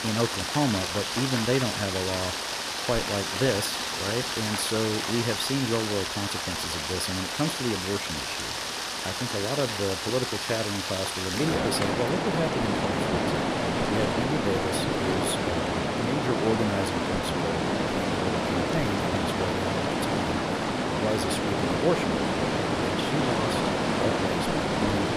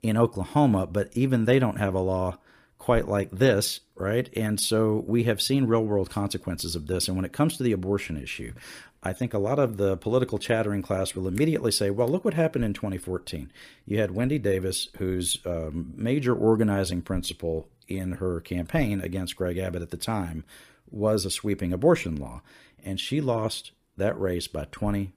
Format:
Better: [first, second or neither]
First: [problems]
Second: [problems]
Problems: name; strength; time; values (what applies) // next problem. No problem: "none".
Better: second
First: rain or running water; very loud; throughout; 3 dB above the speech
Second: none